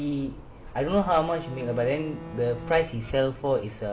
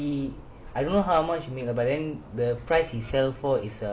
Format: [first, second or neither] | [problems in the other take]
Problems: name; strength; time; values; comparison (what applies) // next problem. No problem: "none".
second | background sound (Bowed string instrument); 15 dB below the speech